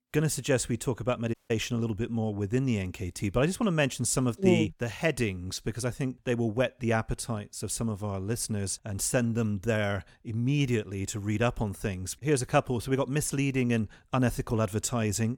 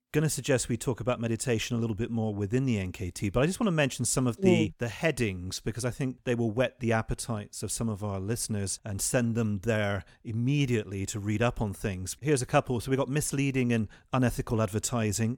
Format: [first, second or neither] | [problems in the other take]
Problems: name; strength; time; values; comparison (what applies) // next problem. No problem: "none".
second | audio cutting out; at 1.5 s